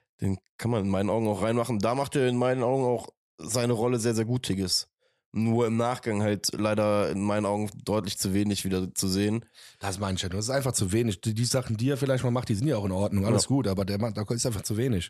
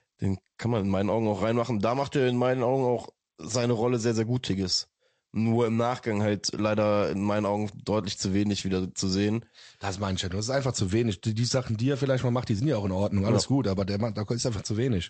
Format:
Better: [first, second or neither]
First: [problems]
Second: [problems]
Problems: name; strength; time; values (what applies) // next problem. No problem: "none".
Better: first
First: none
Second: garbled, watery; slightly; nothing above 8 kHz